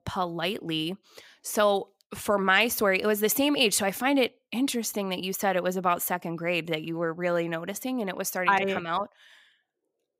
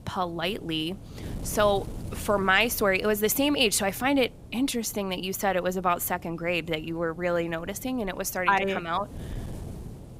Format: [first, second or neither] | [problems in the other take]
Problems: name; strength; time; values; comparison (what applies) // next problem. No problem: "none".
first | wind noise on the microphone; occasional gusts; 25 dB below the speech